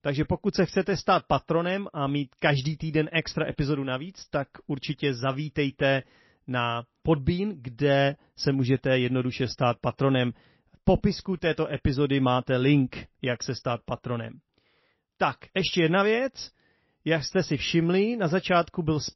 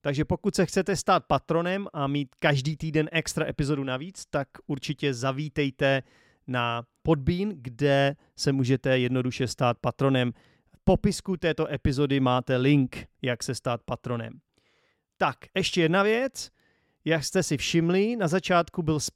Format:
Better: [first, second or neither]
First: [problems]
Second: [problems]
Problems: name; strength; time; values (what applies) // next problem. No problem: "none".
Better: second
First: garbled, watery; slightly; nothing above 5.5 kHz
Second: none